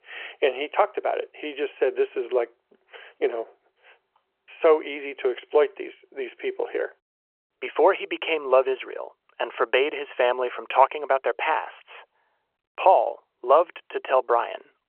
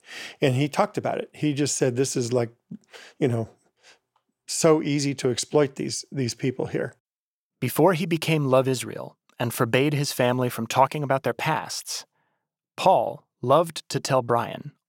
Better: second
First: phone-call audio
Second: none

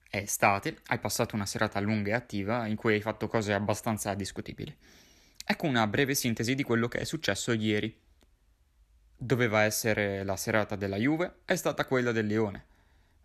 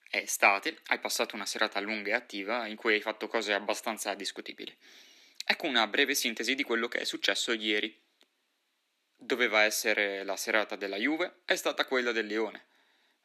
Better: first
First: none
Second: thin; somewhat; fading below 250 Hz

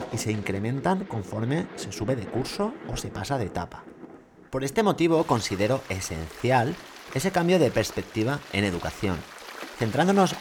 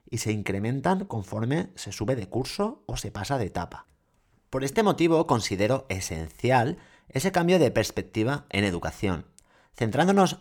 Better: second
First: rain or running water; noticeable; throughout; 15 dB below the speech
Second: none

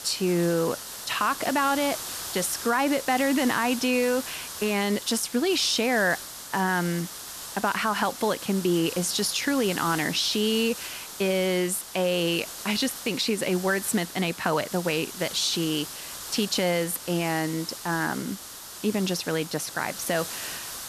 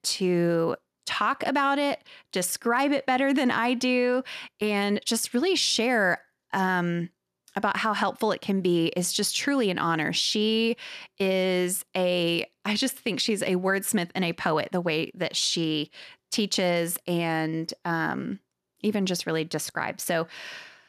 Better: second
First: hiss; loud; throughout; 10 dB below the speech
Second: none

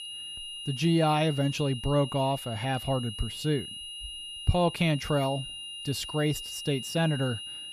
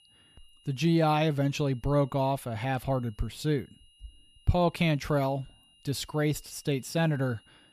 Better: second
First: high-pitched whine; loud; throughout; 3 kHz, 9 dB below the speech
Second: high-pitched whine; faint; throughout; 3 kHz, 30 dB below the speech

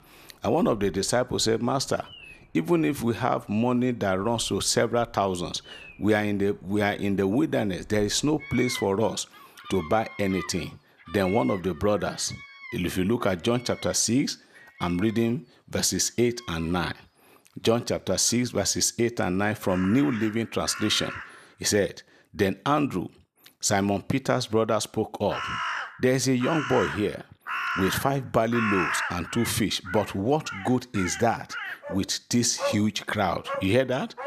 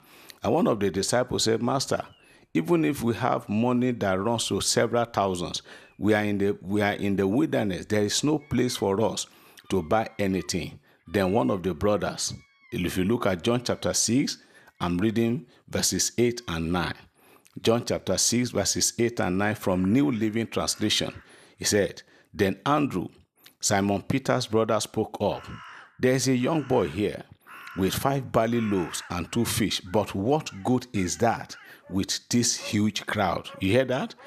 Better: second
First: animal sounds; loud; throughout; 9 dB below the speech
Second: animal sounds; faint; throughout; 25 dB below the speech

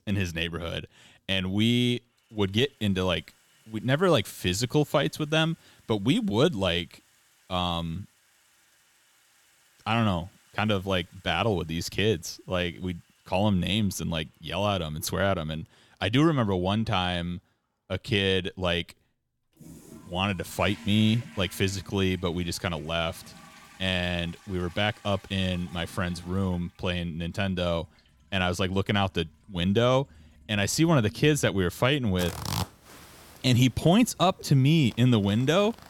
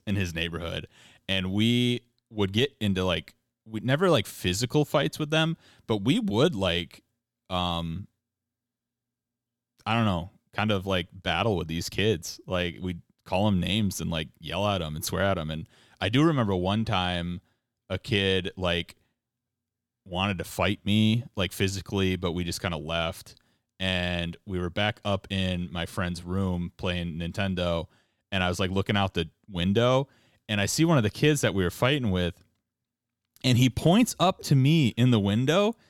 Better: second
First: household noises; noticeable; throughout; 20 dB below the speech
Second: none

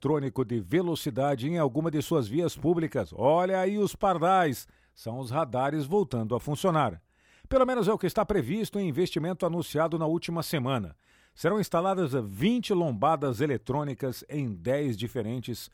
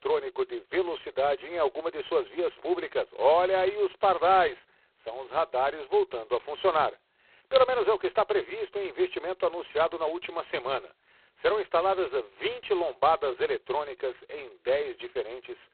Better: first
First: none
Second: phone-call audio; poor line; nothing above 4 kHz

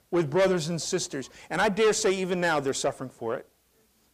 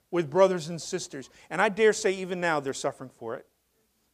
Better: second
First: distortion; heavy; 7 dB below the speech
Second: none

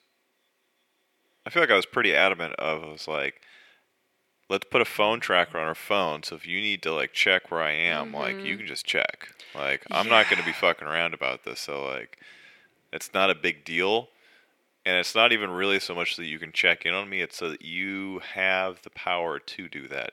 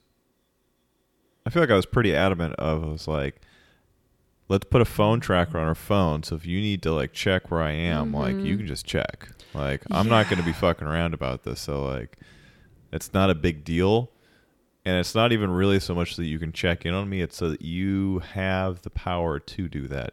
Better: second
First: thin; somewhat; fading below 350 Hz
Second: none

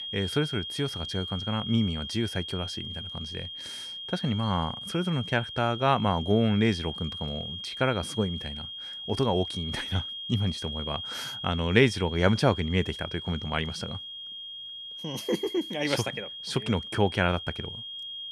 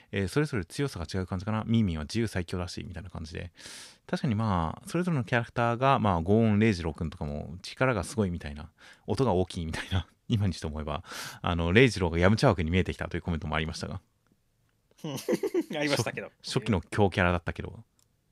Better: second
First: high-pitched whine; loud; throughout; 3 kHz, 7 dB below the speech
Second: none

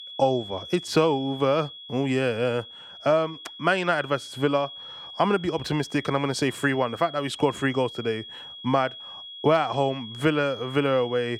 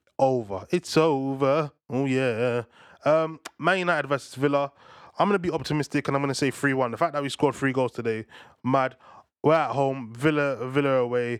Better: second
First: high-pitched whine; noticeable; throughout; 3.5 kHz, 15 dB below the speech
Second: none

